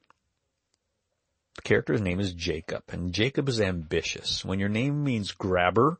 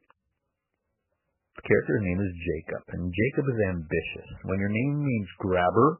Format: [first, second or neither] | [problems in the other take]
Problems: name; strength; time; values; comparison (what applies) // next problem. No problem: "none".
first | garbled, watery; badly; nothing above 3 kHz; slightly in the first